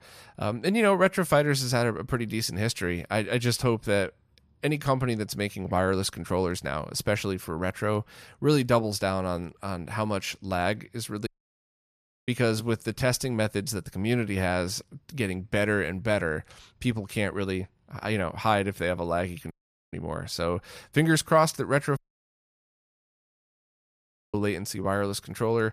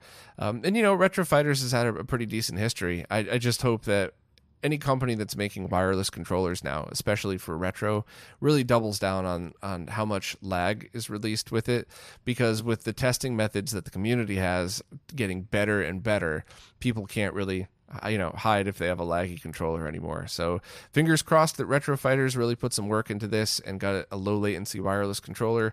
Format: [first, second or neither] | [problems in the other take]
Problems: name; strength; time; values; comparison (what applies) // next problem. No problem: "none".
second | audio cutting out; at 11 s for 1 s, at 20 s and at 22 s for 2.5 s